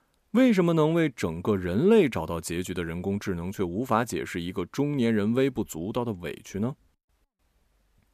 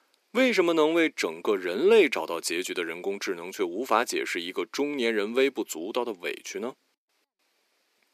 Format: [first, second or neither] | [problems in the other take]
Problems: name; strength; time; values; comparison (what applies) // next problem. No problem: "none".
first | thin; somewhat; fading below 350 Hz